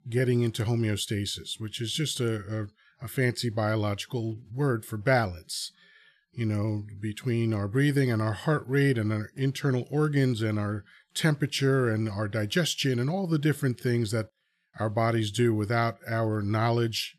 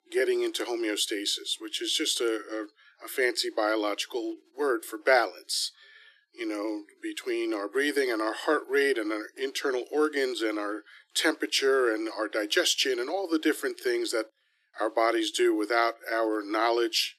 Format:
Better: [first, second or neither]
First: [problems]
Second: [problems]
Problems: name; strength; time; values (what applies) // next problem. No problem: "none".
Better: first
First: none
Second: thin; very; fading below 300 Hz